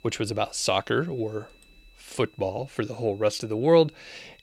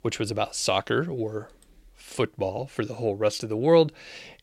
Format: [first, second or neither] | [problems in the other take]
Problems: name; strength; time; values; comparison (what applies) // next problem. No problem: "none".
second | high-pitched whine; faint; throughout; 2.5 kHz, 30 dB below the speech